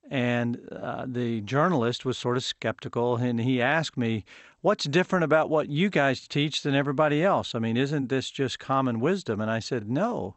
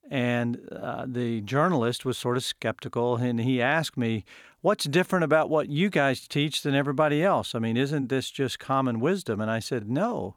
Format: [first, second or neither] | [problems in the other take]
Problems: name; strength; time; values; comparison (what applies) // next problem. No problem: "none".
second | garbled, watery; slightly; nothing above 8 kHz